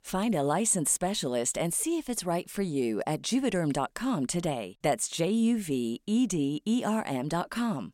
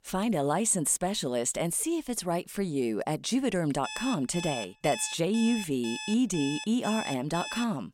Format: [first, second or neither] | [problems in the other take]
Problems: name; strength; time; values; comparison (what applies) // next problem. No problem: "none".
first | alarm; noticeable; from 4 s on; peak 8 dB below the speech